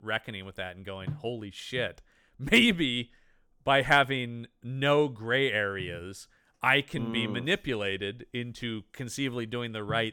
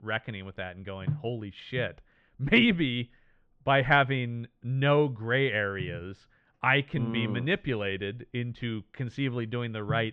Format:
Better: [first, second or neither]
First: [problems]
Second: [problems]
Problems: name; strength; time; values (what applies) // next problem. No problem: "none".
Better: first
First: none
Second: muffled; very; fading above 3 kHz